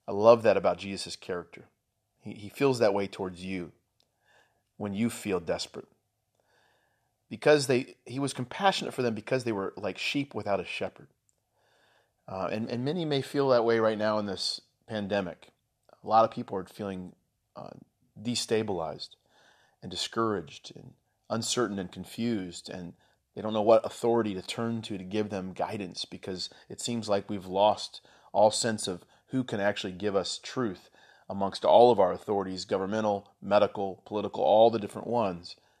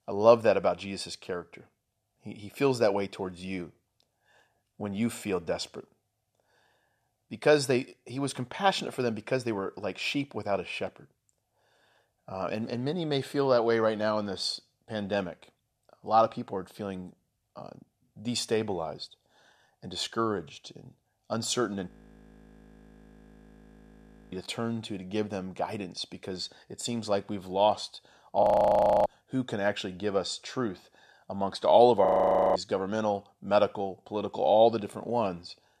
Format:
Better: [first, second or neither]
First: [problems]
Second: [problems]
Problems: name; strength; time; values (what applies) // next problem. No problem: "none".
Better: first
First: none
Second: audio freezing; at 22 s for 2.5 s, at 28 s for 0.5 s and at 32 s for 0.5 s